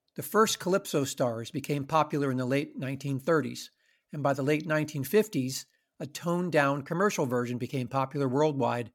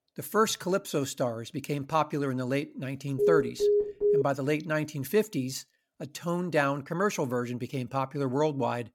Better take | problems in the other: first | phone ringing; loud; from 3 to 4 s; peak 4 dB above the speech

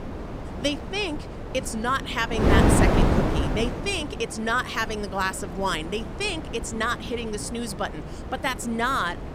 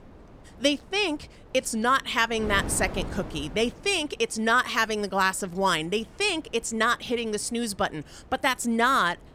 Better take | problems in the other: second | wind noise on the microphone; heavy; 5 dB below the speech; occasional gusts in the second

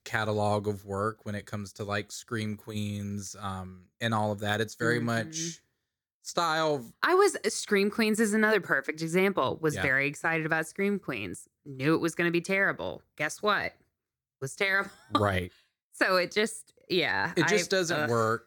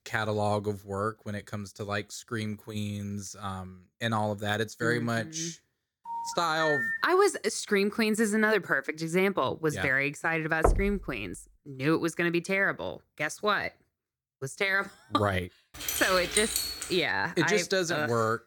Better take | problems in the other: first | phone ringing; loud; at 6 s; peak level with the speech // door banging; loud; at 11 s; peak 1 dB above the speech // jangling keys; loud; from 16 to 17 s; peak 1 dB above the speech

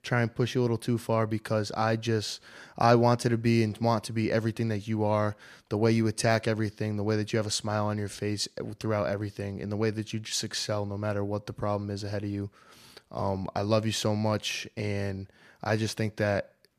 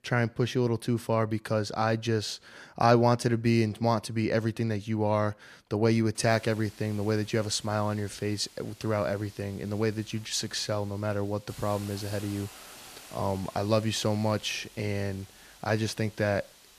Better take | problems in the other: first | hiss; faint; from 6 s on; 20 dB below the speech

